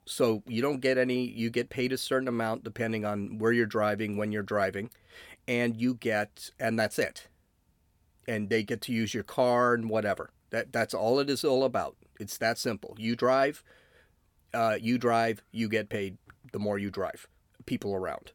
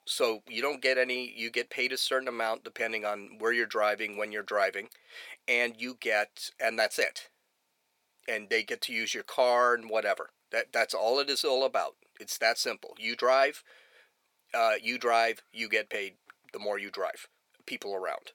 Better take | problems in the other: first | thin; very; fading below 600 Hz

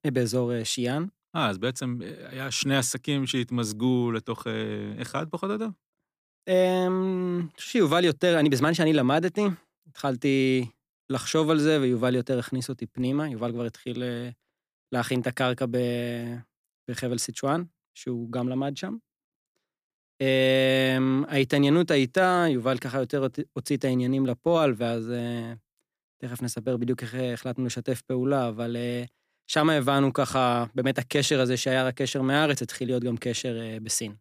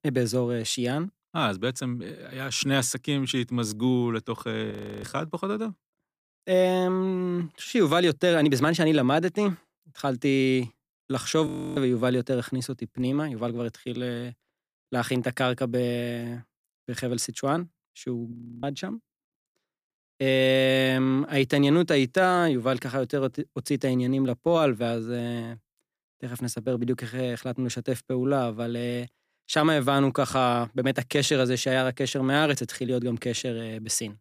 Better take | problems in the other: first | audio freezing; at 4.5 s, at 11 s and at 18 s

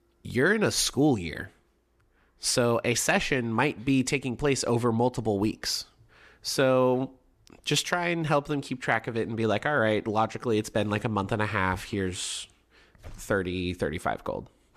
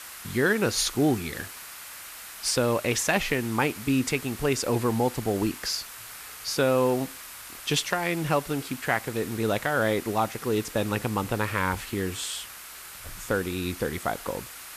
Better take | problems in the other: first | hiss; noticeable; throughout; 10 dB below the speech

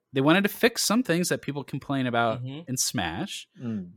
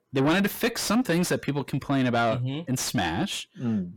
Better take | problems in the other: first | distortion; heavy; 6 dB below the speech

